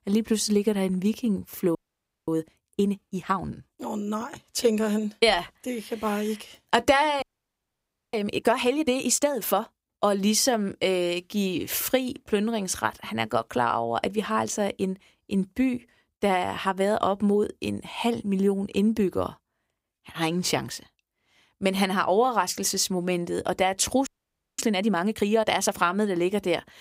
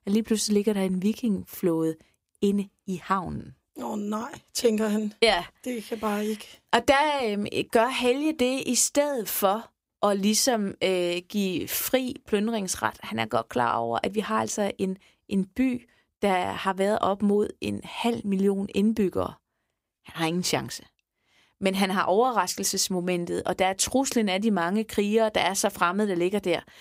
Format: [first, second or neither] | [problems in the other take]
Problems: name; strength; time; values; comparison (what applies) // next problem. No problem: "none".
second | audio freezing; at 2 s for 0.5 s, at 7 s for 1 s and at 24 s for 0.5 s